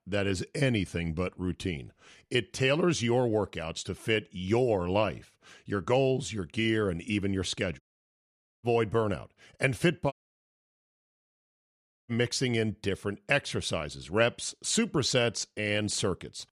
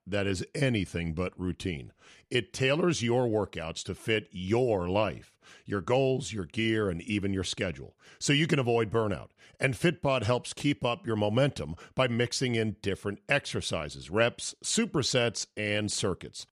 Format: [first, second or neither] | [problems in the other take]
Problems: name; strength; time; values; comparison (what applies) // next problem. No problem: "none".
second | audio cutting out; at 8 s for 1 s and at 10 s for 2 s